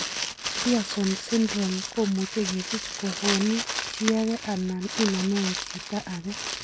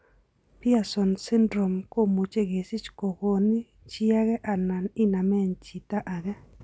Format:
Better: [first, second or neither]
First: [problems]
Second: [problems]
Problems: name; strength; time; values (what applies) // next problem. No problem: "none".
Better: second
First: background sound (Crumpling, crinkling); 5 dB below the speech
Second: none